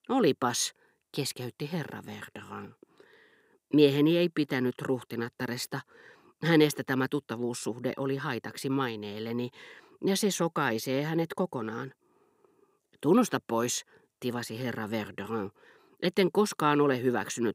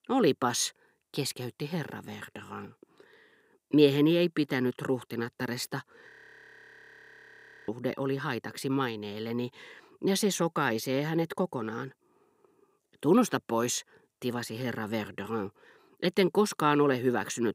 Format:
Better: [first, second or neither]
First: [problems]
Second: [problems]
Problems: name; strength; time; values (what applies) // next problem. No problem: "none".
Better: first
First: none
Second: audio freezing; at 6 s for 1.5 s